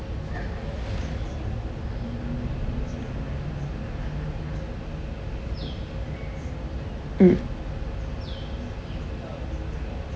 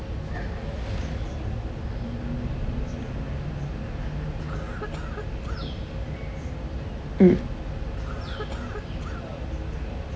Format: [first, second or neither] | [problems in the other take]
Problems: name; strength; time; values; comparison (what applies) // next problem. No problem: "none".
first | background sound (Cough); 14 dB below the speech